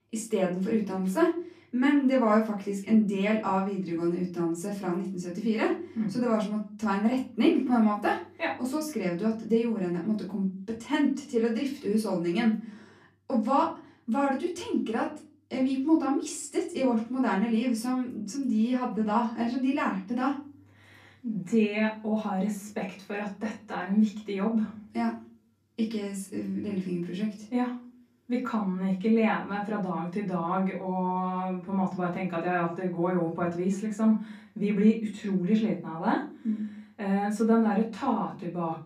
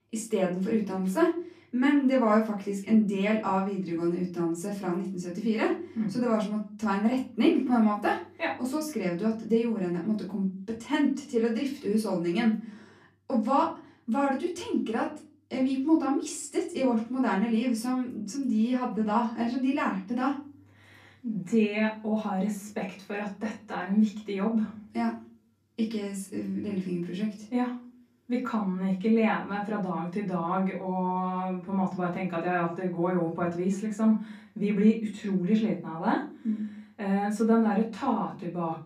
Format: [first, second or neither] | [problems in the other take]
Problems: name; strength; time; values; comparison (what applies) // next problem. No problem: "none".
neither | room echo; slight; dies away in 0.3 s; the same in both // off-mic speech; far; the same in both